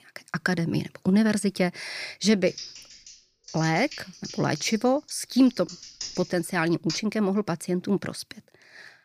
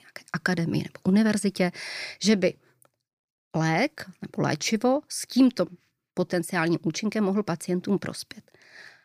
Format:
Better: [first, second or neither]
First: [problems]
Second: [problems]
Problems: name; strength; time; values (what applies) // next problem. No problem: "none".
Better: second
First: keyboard typing; noticeable; from 2.5 to 7 s; peak 9 dB below the speech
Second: none